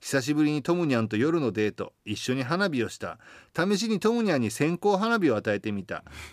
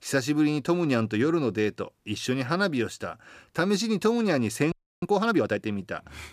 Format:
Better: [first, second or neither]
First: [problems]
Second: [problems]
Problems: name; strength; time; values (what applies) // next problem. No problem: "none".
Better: first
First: none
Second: audio freezing; at 4.5 s